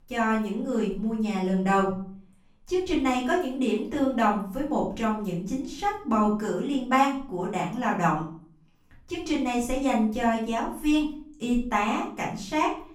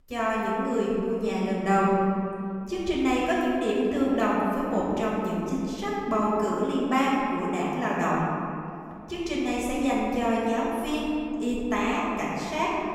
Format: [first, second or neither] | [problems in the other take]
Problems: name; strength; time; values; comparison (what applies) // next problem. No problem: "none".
first | room echo; strong; dies away in 2.5 s; slight in the first // off-mic speech; far; far in the first